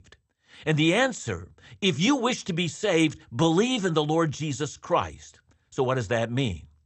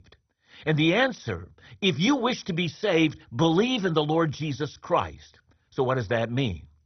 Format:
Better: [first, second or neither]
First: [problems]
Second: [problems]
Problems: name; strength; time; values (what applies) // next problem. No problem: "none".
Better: first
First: garbled, watery; slightly; nothing above 8 kHz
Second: garbled, watery; badly; nothing above 6 kHz